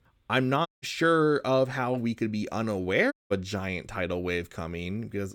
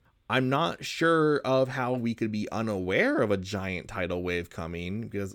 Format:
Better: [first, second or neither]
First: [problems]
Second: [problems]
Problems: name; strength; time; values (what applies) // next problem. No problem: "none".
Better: second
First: audio cutting out; at 0.5 s and at 3 s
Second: none